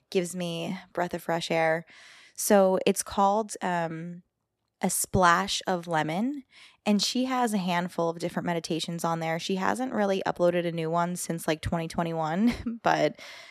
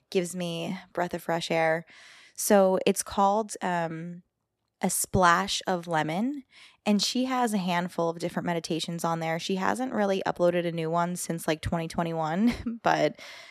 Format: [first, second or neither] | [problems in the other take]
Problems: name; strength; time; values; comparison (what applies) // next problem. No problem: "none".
neither | none